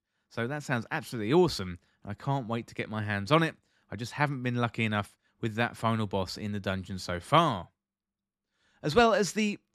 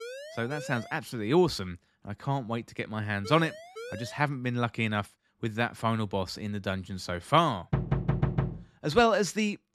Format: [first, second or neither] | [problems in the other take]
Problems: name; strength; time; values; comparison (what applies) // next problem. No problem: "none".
first | siren; faint; at the start and from 3 to 4.5 s; peak 10 dB below the speech // door banging; loud; at 7.5 s; peak 1 dB above the speech